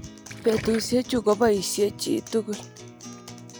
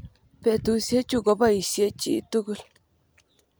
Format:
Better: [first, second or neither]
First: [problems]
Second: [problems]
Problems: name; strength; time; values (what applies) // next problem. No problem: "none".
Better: second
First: background sound (Gurgling + Acoustic guitar); 15 dB below the speech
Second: none